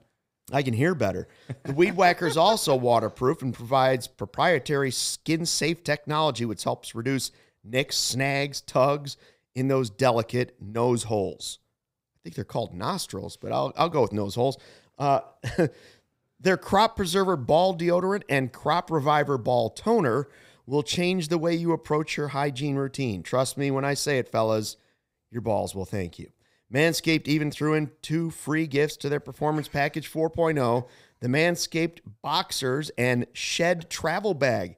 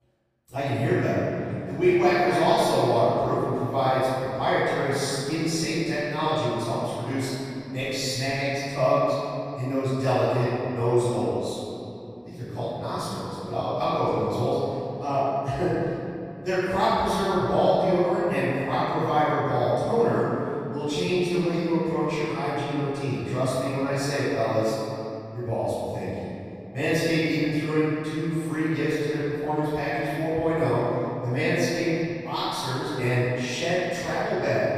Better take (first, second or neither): first